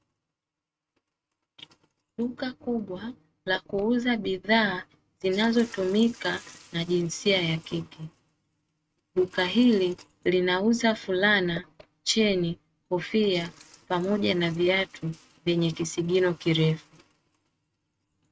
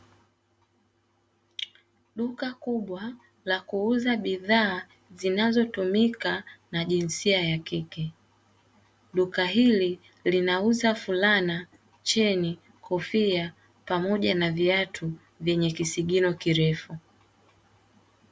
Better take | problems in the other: second | noise reduction (neural mask model RNNoise)

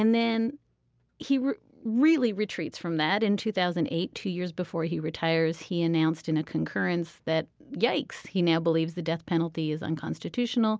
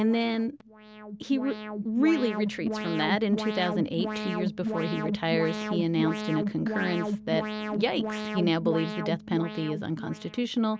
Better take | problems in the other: first | background sound (Alarm); 4 dB below the speech

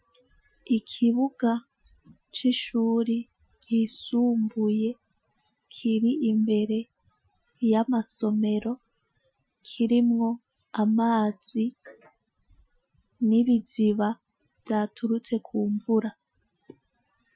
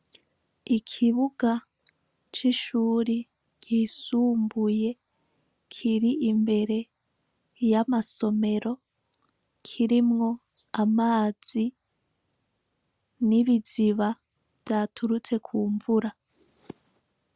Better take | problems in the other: second | noise reduction (classical method Wiener filter)

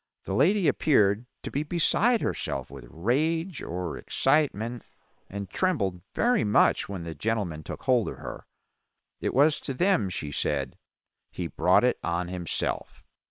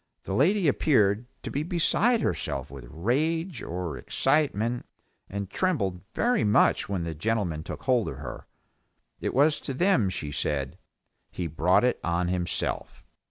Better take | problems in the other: second | noise reduction (neural separator model SepFormer WHAM!)

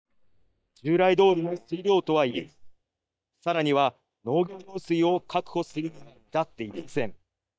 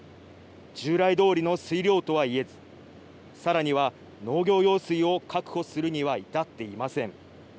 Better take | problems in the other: second | noise reduction (neural mask model DeepFilterNet 3)

